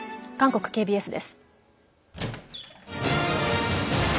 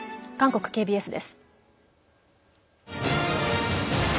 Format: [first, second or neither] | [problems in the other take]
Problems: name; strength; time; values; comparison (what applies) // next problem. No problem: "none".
second | background sound (Squeak); 11 dB below the speech